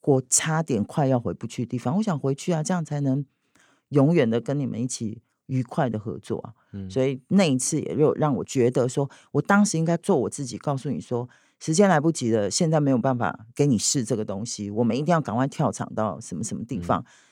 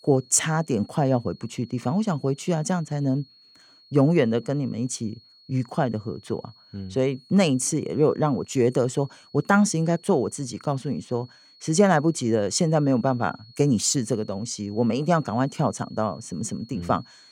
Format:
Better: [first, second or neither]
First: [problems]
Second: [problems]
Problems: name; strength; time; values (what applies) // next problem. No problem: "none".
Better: first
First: none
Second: high-pitched whine; faint; throughout; 4.5 kHz, 25 dB below the speech